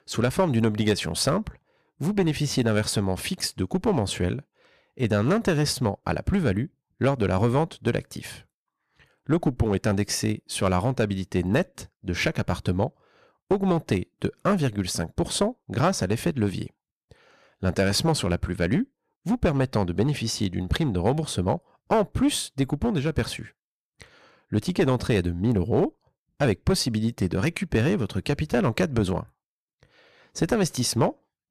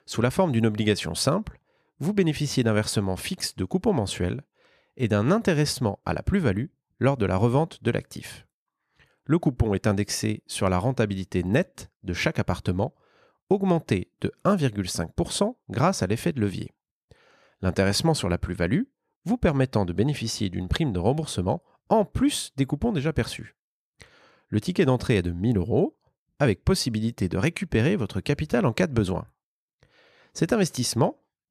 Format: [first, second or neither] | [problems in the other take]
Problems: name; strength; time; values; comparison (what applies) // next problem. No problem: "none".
second | distortion; slight; 4% of the sound clipped